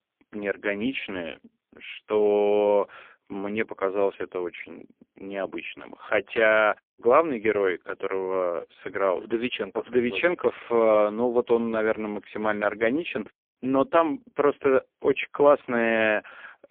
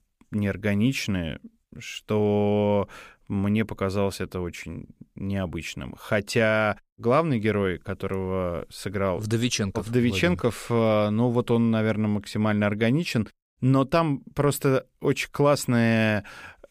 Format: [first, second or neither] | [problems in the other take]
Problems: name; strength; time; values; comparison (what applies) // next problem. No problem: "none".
second | phone-call audio; poor line